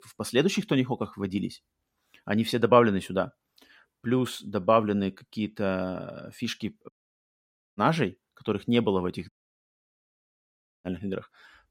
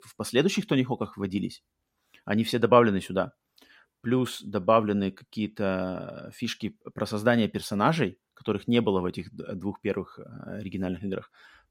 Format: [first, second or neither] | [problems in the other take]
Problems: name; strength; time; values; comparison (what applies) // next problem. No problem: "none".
second | audio cutting out; at 7 s for 1 s and at 9.5 s for 1.5 s